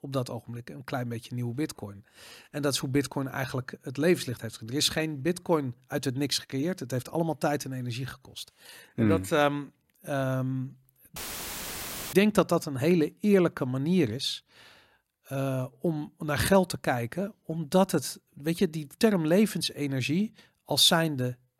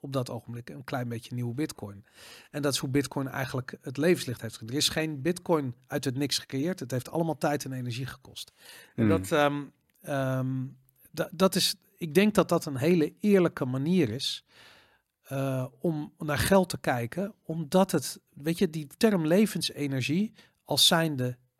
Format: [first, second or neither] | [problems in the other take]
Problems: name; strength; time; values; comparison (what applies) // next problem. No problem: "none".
second | audio cutting out; filled with static; at 11 s for 1 s